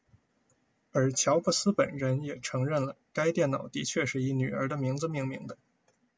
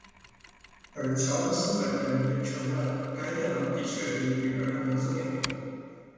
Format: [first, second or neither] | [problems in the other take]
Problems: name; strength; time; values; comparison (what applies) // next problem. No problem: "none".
first | background sound (Mechanisms); 19 dB below the speech // room echo; dies away in 2.1 s